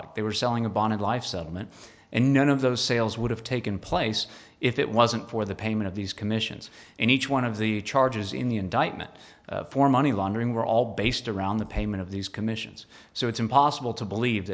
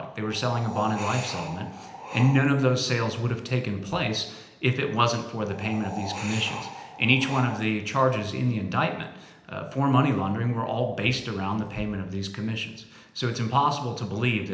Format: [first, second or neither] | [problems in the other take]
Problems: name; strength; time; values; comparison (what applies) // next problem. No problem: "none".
first | background sound (Wind); 12 dB below the speech // room echo; dies away in 0.8 s